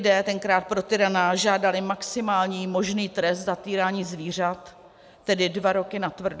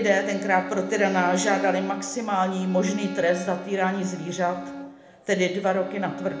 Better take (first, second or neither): first